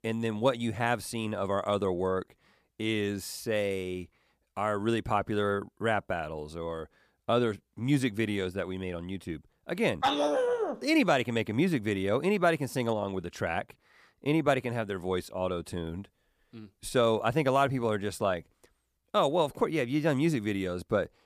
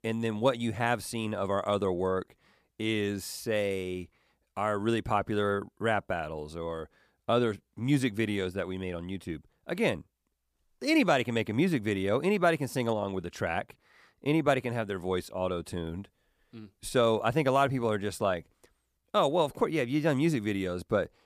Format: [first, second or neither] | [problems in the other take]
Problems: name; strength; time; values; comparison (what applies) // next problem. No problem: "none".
second | dog barking; loud; at 10 s; peak 3 dB above the speech